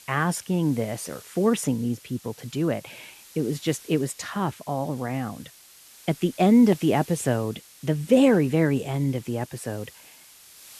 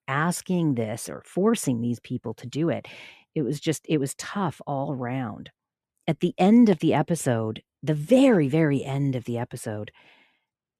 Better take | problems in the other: second | hiss; faint; throughout; 20 dB below the speech

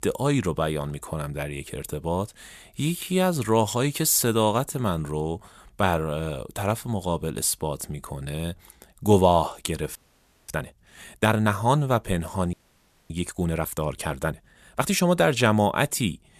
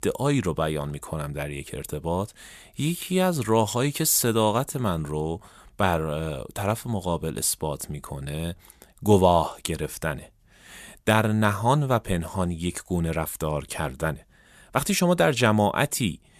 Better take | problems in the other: second | audio freezing; at 10 s for 0.5 s and at 13 s for 0.5 s

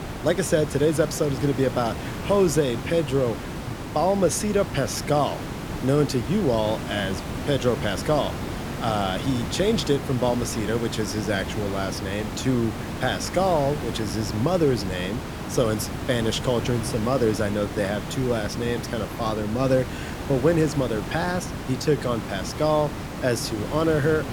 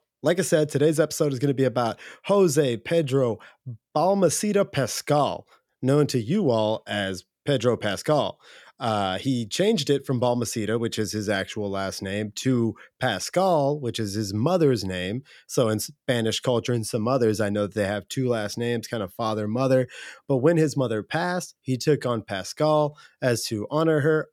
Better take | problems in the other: second | hiss; loud; throughout; 7 dB below the speech

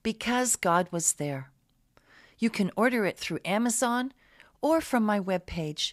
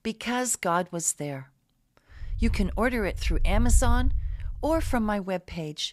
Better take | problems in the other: first | low rumble; faint; from 2.5 to 5 s; 20 dB below the speech

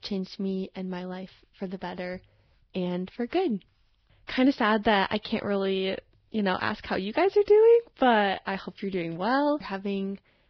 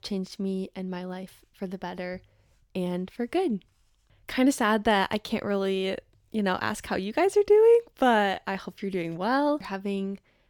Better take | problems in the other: second | garbled, watery; badly; nothing above 5 kHz

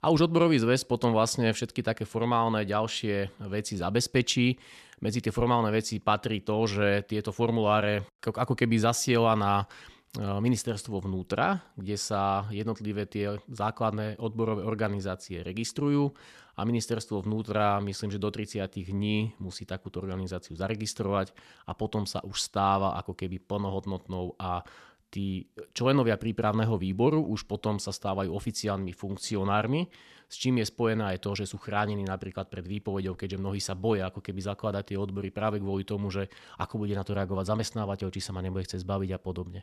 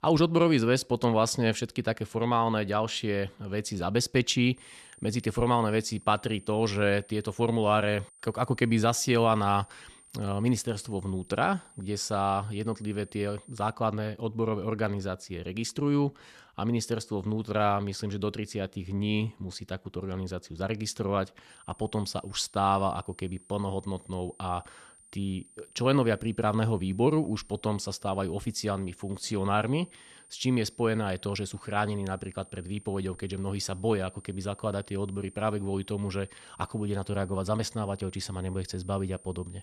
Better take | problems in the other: first | high-pitched whine; faint; from 4.5 to 14 s and from 22 s on; 9 kHz, 25 dB below the speech

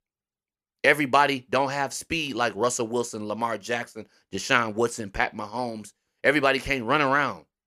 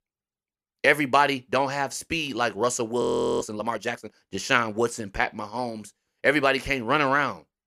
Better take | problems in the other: first | audio freezing; at 3 s

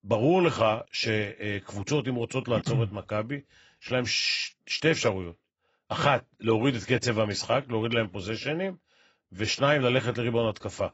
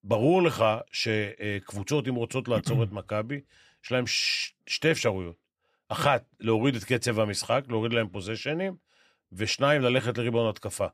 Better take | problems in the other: second | garbled, watery; badly; nothing above 7.5 kHz

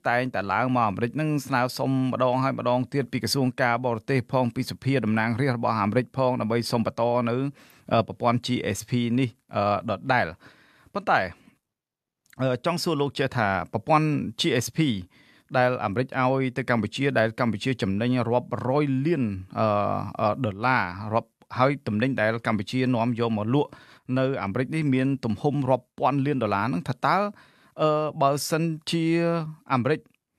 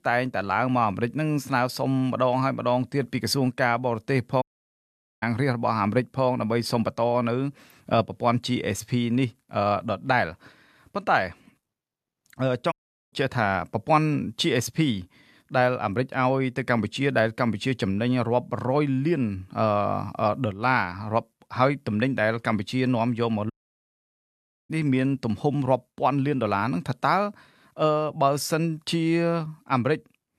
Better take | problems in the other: first | audio cutting out; at 4.5 s for 1 s, at 13 s and at 24 s for 1 s

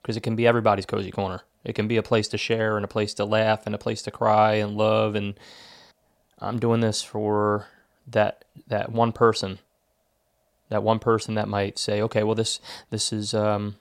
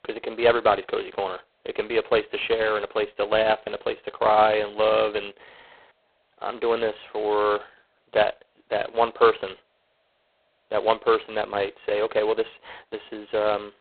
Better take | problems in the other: first | phone-call audio; poor line; nothing above 4 kHz

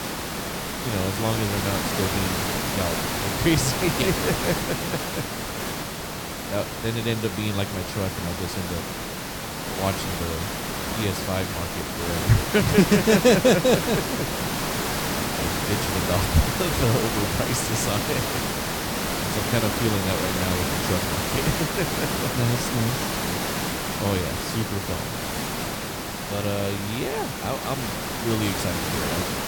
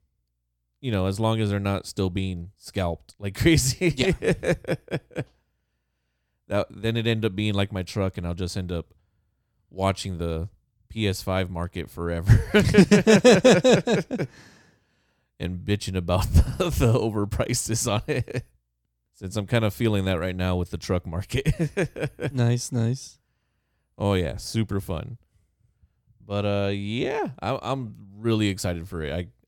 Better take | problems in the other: second | hiss; loud; throughout; as loud as the speech

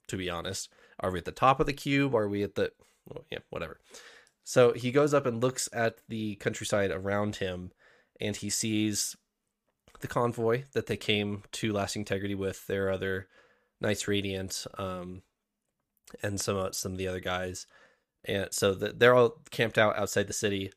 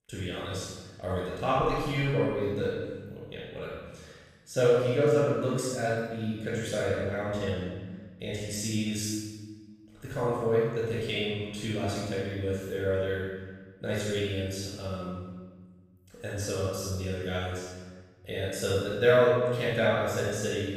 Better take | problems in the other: first | off-mic speech; far // room echo; strong; dies away in 1.4 s

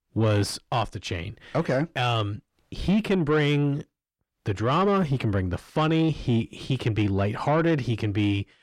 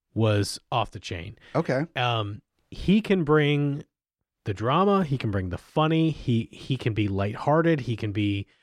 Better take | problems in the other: second | distortion; slight; 10 dB below the speech

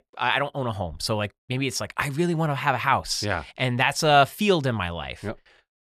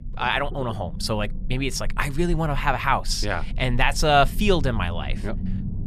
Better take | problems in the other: first | low rumble; faint; throughout; 20 dB below the speech

